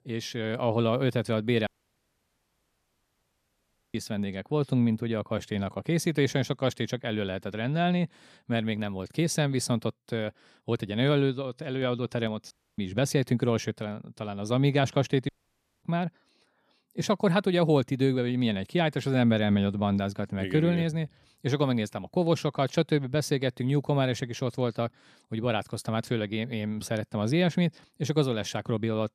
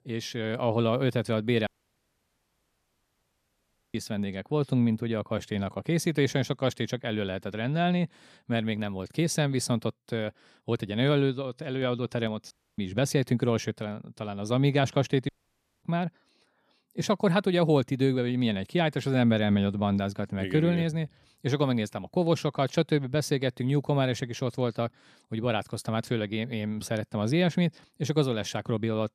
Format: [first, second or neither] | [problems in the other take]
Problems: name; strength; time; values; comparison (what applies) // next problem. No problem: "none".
neither | audio cutting out; at 1.5 s for 2.5 s, at 13 s and at 15 s for 0.5 s; the same in both